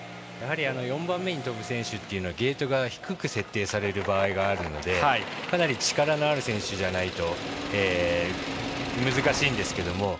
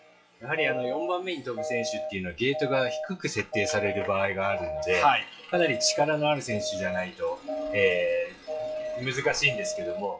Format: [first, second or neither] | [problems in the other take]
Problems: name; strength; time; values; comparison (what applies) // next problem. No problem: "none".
first | noise reduction (classical method WPE with log-MMSE)